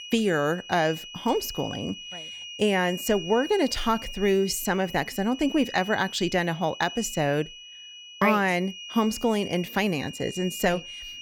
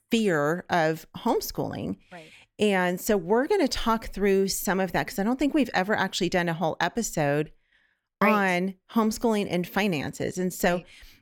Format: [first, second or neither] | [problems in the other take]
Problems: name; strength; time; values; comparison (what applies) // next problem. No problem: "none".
second | high-pitched whine; noticeable; throughout; 3 kHz, 10 dB below the speech